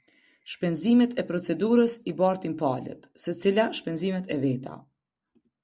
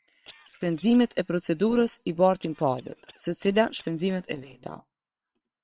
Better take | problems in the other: first | noise reduction (neural separator model SepFormer WHAM!)

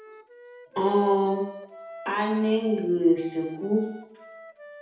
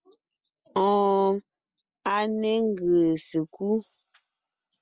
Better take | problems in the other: second | background sound (Wind instrument, woodwind instrument); 19 dB below the speech // room echo; dies away in 0.9 s

